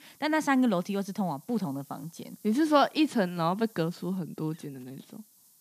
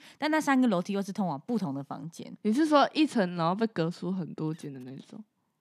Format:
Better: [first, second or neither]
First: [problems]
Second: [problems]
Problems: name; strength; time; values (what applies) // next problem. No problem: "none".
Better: second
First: hiss; faint; throughout; 25 dB below the speech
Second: none